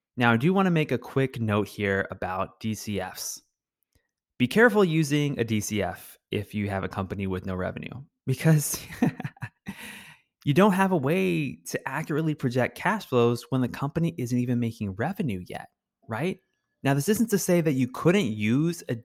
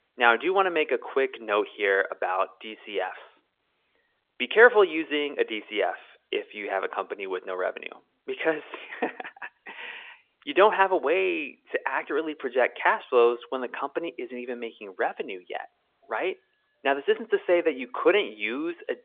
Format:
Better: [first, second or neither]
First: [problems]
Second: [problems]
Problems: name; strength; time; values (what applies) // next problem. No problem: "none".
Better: first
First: none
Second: phone-call audio; nothing above 3.5 kHz